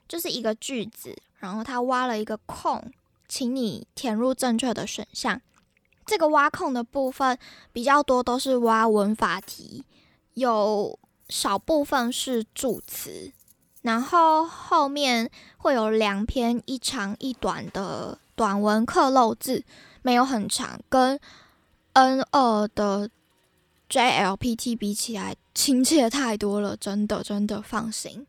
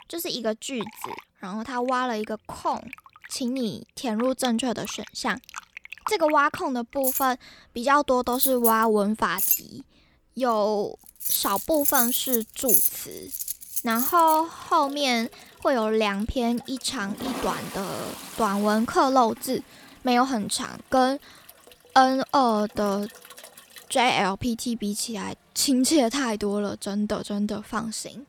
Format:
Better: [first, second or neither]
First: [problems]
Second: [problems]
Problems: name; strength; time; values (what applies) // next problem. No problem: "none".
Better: first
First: household noises; faint; throughout; 30 dB below the speech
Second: household noises; loud; throughout; 1 dB below the speech